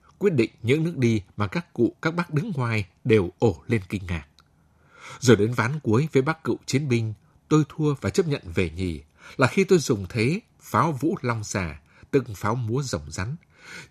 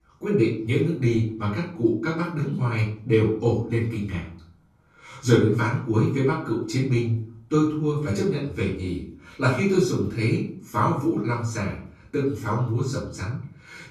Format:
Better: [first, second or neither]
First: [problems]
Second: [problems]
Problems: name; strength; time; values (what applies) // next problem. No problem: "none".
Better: first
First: none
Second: room echo; noticeable; dies away in 0.4 s // off-mic speech; far